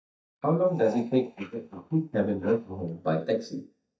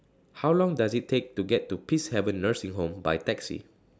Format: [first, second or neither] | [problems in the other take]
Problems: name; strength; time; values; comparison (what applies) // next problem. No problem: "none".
second | noise reduction (neural mask model DeepFilterNet 3)